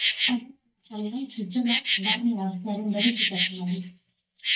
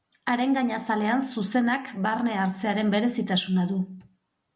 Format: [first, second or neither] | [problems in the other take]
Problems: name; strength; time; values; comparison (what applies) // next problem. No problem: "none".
second | noise reduction (neural mask model DeepFilterNet 3)